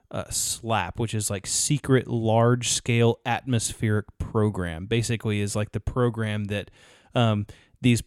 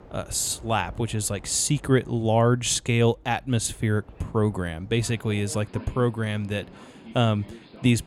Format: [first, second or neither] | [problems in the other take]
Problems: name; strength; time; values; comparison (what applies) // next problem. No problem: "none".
first | train or aircraft noise; faint; throughout; 20 dB below the speech